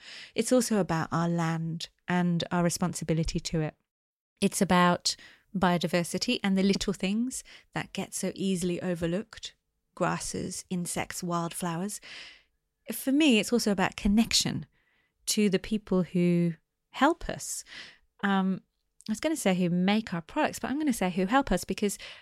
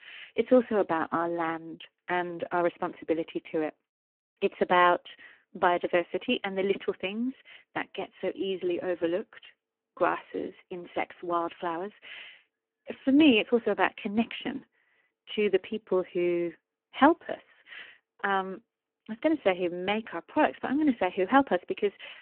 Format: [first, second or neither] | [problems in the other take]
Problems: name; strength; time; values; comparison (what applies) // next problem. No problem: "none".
first | phone-call audio; poor line